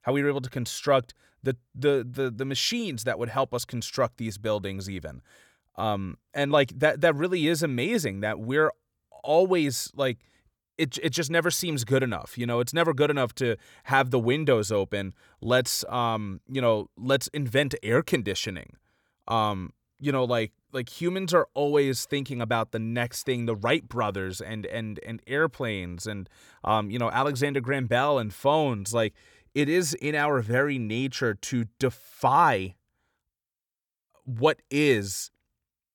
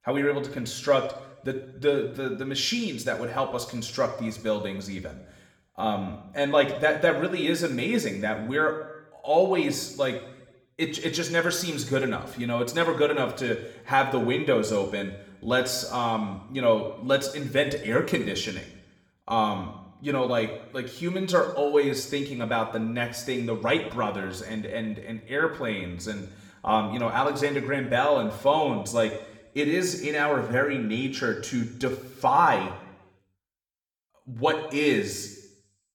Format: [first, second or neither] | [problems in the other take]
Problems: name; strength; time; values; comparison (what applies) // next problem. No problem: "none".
first | room echo; slight; dies away in 0.8 s // off-mic speech; somewhat distant